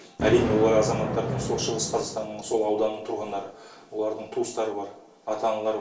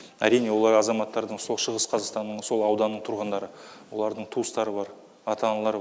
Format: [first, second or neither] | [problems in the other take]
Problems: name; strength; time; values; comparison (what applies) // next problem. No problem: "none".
second | background sound (Thunder); 7 dB below the speech // room echo; dies away in 0.3 s